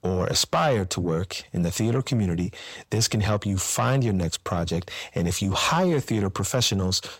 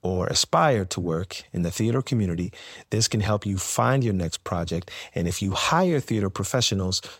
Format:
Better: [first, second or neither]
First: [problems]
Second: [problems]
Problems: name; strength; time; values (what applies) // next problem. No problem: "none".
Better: second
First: distortion; slight; 10 dB below the speech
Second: none